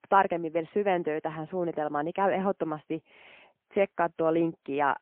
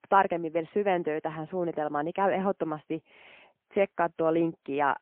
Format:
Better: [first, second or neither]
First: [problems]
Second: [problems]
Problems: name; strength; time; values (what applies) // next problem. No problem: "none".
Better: neither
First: phone-call audio; poor line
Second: phone-call audio; poor line